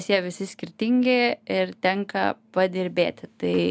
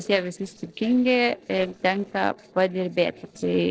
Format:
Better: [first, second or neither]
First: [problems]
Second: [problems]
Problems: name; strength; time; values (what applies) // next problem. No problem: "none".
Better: first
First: none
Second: noise reduction (neural separator model SepFormer DNS4)